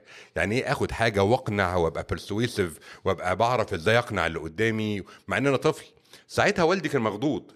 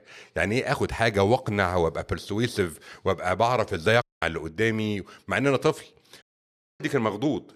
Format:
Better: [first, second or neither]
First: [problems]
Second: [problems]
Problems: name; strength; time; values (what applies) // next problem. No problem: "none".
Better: first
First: none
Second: audio cutting out; at 4 s and at 6 s for 0.5 s